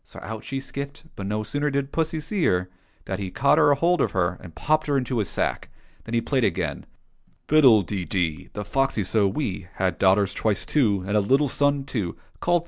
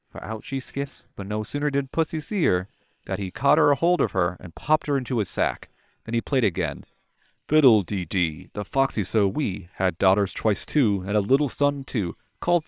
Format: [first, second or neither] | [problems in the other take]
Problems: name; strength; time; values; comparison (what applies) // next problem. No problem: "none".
first | noise reduction (neural separator model SepFormer WHAM!)